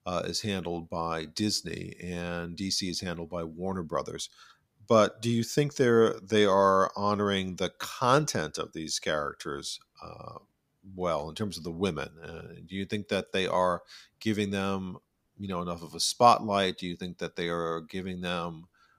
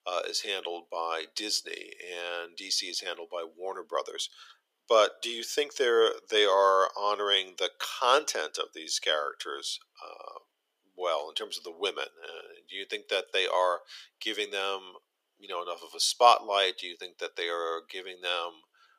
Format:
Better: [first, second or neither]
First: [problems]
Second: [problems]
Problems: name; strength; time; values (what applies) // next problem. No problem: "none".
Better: first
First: none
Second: thin; very; fading below 400 Hz